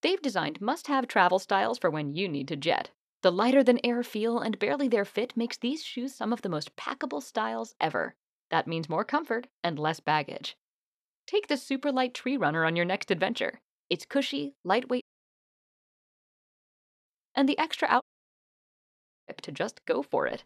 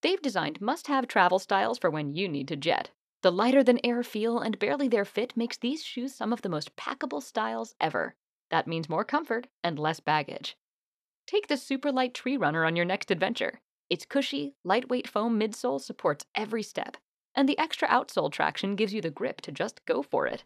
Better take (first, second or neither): second